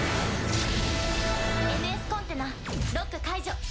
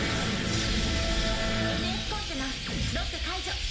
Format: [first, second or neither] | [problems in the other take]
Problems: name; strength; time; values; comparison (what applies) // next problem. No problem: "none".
first | background sound (Chirp, tweet); 7 dB below the speech // room echo; dies away in 0.9 s